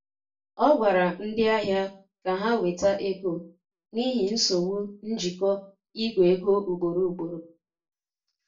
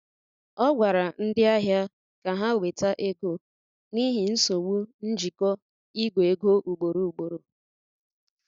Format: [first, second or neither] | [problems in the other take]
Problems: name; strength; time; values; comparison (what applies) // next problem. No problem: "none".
second | room echo; dies away in 0.3 s